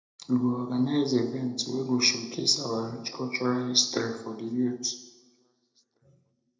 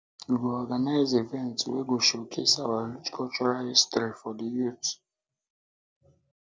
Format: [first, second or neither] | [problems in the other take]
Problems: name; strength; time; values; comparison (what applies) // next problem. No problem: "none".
second | room echo; dies away in 0.8 s